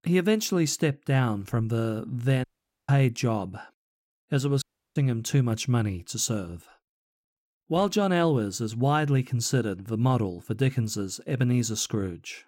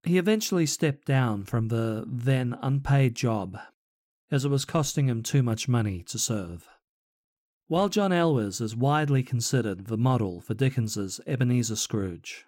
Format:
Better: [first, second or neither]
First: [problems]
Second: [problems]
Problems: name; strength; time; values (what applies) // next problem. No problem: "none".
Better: second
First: audio cutting out; at 2.5 s and at 4.5 s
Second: none